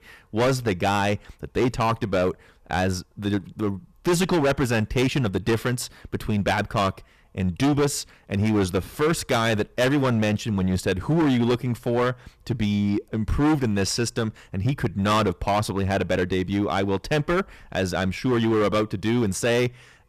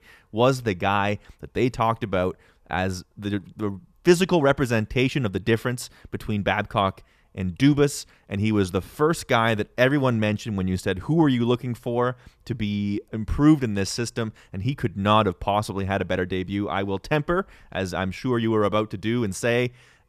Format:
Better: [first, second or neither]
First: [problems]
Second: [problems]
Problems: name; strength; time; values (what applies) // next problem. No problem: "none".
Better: second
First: distortion; heavy; 12% of the sound clipped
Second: none